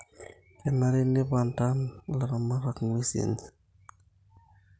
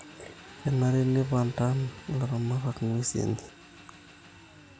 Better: first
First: none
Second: background sound (Engine); 19 dB below the speech

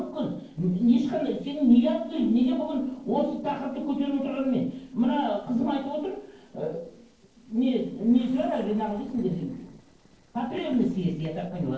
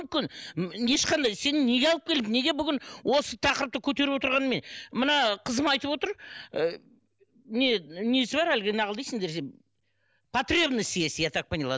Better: second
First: noise reduction (neural separator model SepFormer DNS4)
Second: none

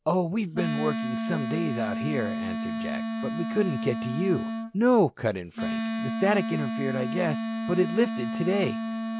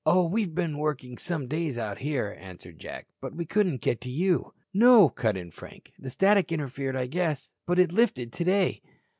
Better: second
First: background sound (Wind instrument, woodwind instrument); 3 dB below the speech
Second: none

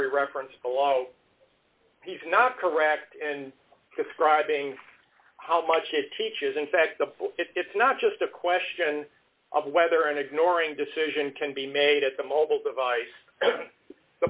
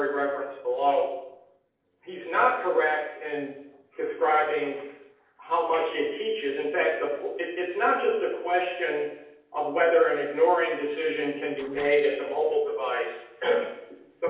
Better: first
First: none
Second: noise reduction (neural separator model SepFormer DNS4)

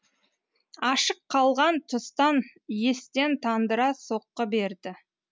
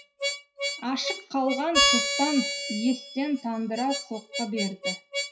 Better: first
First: none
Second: noise reduction (classical method WPE with log-MMSE)

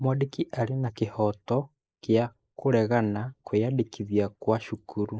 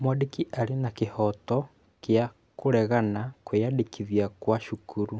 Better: second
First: noise reduction (neural mask model Resemble Enhance denoiser)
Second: none

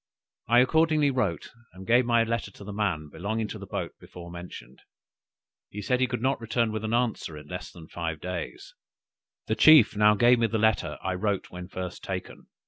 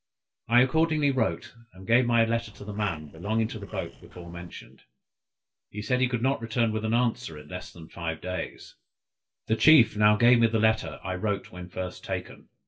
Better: first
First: none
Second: noise reduction (neural separator model SepFormer DNS4)

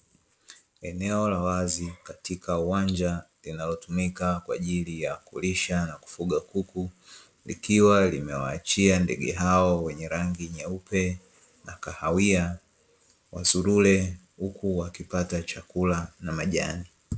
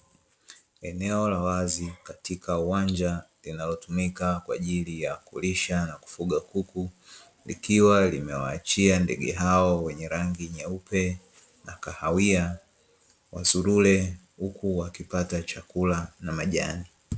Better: second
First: noise reduction (neural mask model Resemble Enhance denoiser)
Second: none

